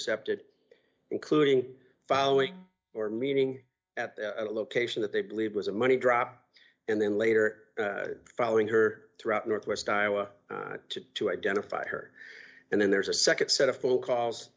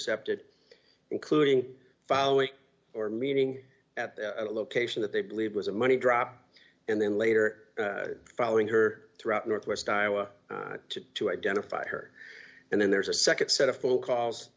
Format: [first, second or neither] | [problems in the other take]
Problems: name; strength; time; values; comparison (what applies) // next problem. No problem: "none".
second | noise reduction (neural mask model DeepFilterNet 3)